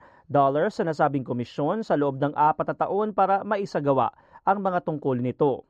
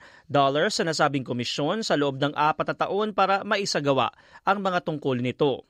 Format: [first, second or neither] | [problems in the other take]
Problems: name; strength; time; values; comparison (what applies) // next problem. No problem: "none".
second | muffled; very; fading above 2 kHz